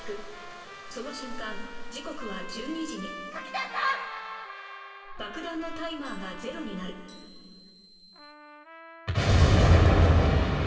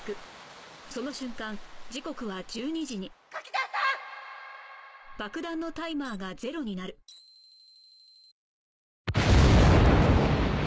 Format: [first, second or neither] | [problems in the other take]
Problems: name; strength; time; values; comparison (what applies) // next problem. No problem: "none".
second | background sound (Trumpet); 18 dB below the speech // room echo; dies away in 2.7 s